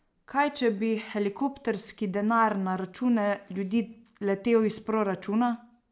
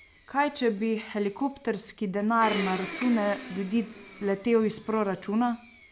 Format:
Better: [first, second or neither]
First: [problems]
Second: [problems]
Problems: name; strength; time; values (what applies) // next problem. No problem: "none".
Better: first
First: none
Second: background sound (Domestic sounds, home sounds); 13 dB below the speech